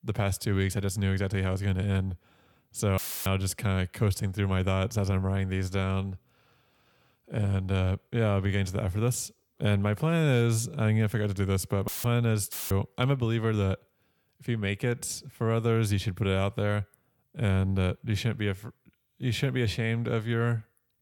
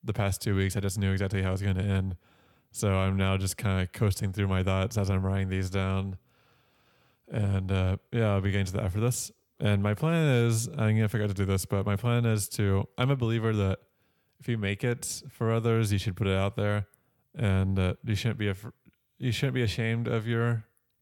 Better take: second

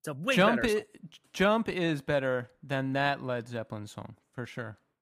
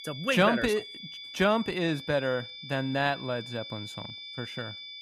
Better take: first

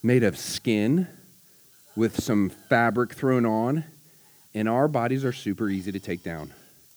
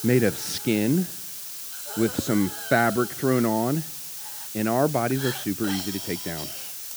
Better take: first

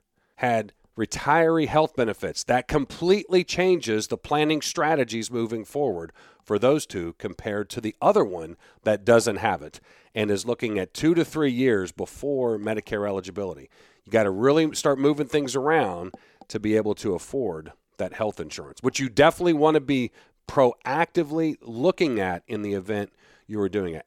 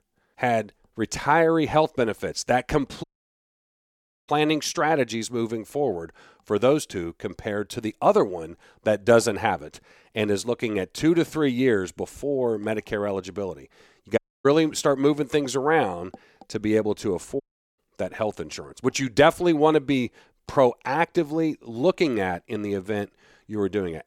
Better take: first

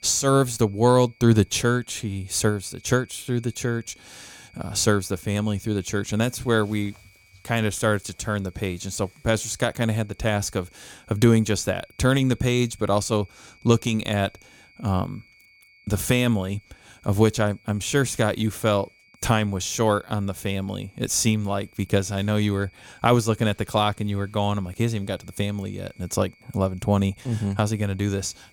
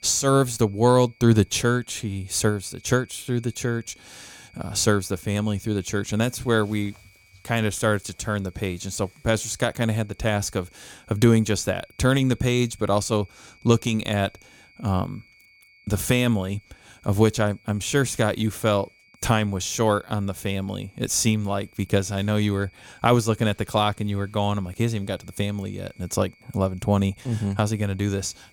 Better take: neither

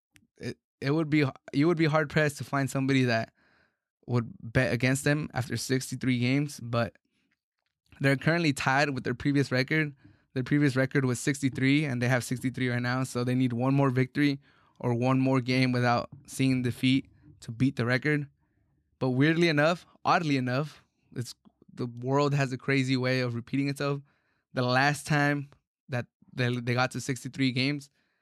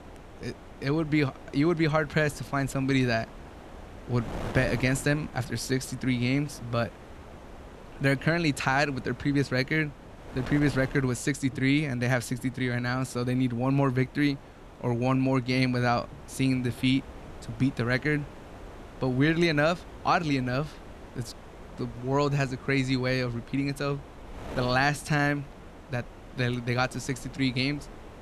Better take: first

